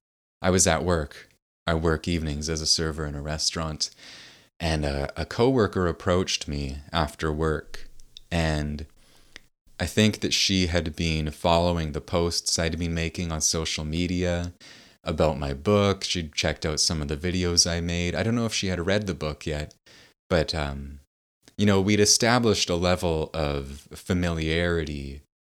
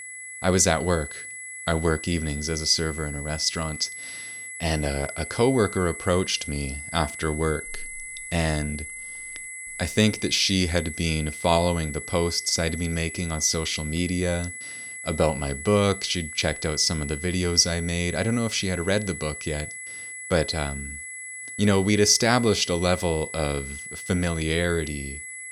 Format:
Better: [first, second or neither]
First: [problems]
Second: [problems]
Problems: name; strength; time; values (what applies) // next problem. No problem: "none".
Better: first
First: none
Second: high-pitched whine; noticeable; throughout; 2 kHz, 10 dB below the speech